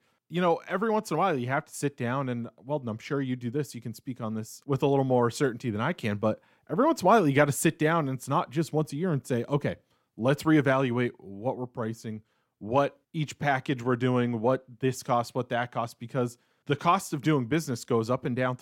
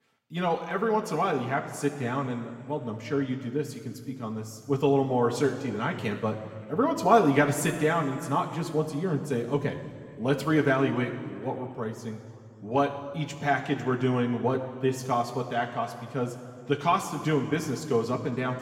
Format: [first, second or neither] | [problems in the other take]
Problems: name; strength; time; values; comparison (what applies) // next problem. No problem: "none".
first | room echo; slight; dies away in 1.8 s